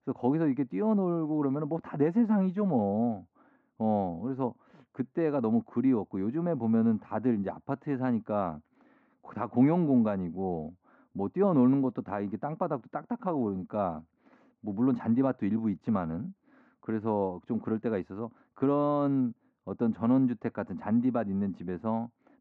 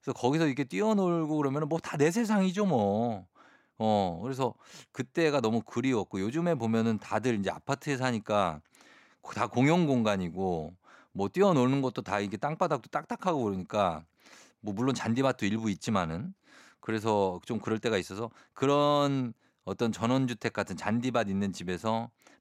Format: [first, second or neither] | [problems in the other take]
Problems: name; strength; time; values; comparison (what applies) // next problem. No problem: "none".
second | muffled; very; fading above 1 kHz